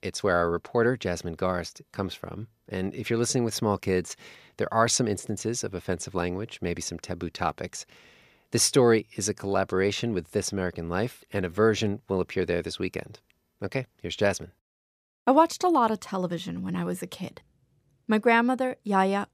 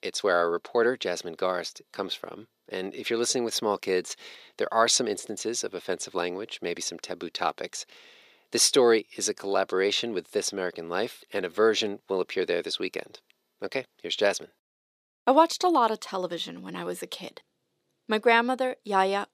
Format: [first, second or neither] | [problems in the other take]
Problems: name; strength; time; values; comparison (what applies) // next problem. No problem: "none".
first | thin; somewhat; fading below 350 Hz